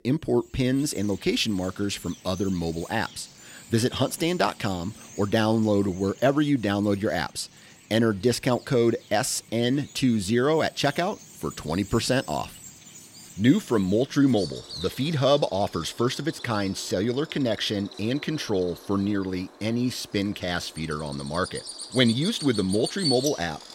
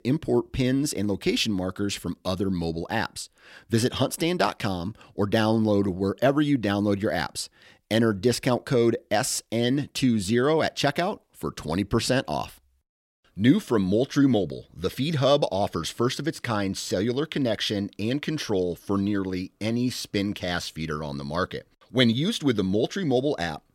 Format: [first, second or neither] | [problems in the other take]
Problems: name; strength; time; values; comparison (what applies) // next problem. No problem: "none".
second | animal sounds; noticeable; throughout; 15 dB below the speech